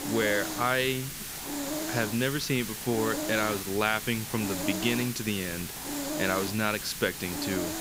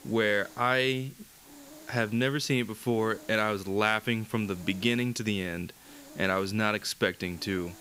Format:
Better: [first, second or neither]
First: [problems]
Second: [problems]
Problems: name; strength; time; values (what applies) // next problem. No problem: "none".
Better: second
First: hiss; loud; throughout; 4 dB below the speech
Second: hiss; faint; throughout; 20 dB below the speech